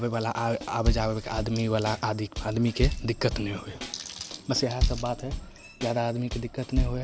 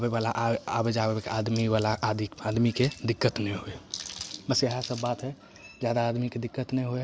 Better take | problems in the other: second | background sound (Bass drum / Snare drum / Drum kit); 3 dB below the speech

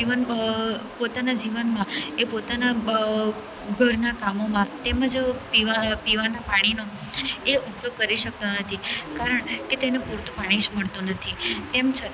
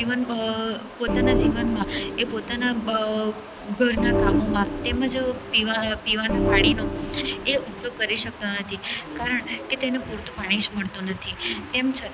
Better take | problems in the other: first | background sound (Organ); as loud as the speech

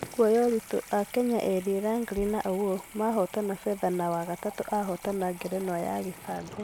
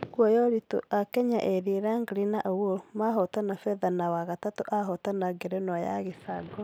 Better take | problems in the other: second | background sound (Sink (filling or washing) / Water tap, faucet); 18 dB below the speech

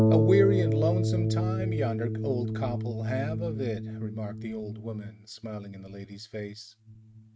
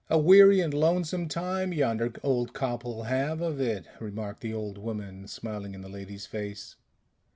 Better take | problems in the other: second | noise reduction (neural mask model RNNoise)

